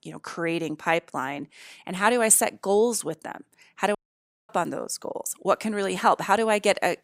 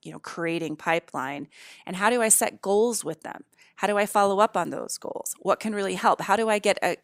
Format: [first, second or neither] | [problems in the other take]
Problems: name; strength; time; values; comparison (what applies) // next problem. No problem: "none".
second | audio cutting out; at 4 s for 0.5 s